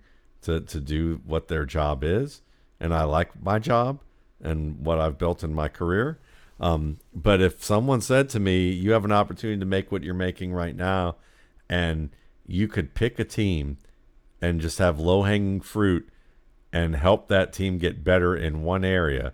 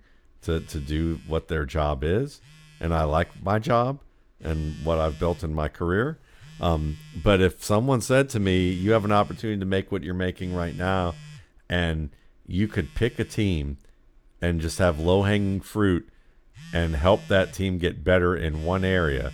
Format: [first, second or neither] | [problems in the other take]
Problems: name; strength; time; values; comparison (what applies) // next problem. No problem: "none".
first | alarms or sirens; faint; throughout; 20 dB below the speech